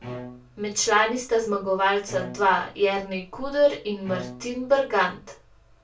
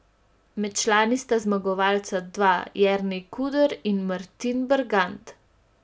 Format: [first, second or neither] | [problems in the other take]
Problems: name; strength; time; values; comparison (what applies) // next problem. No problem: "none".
second | background sound (Bowed string instrument); 17 dB below the speech // room echo; dies away in 0.2 s